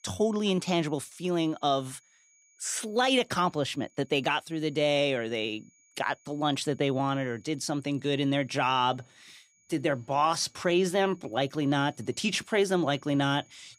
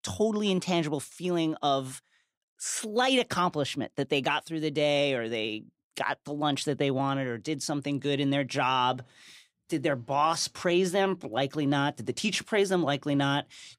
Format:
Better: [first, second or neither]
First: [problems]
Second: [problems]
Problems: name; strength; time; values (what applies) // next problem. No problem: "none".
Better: second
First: high-pitched whine; faint; throughout; 6.5 kHz, 35 dB below the speech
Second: none